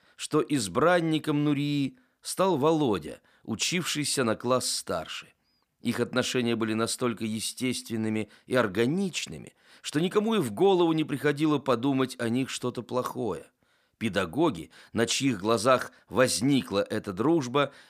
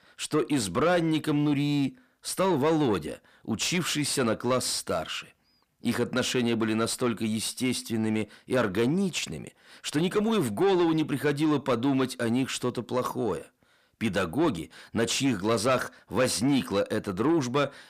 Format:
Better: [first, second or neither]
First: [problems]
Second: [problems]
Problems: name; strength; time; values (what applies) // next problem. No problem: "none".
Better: first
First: none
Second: distortion; slight; 10 dB below the speech